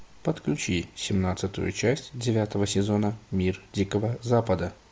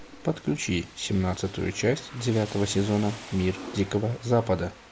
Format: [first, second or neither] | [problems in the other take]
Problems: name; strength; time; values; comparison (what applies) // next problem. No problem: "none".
first | background sound (Rain); 17 dB below the speech